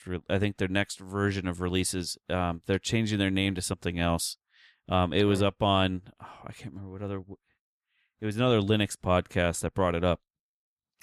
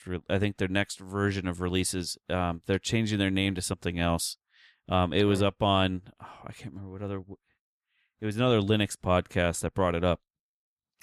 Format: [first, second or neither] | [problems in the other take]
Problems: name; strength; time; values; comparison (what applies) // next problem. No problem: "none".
neither | none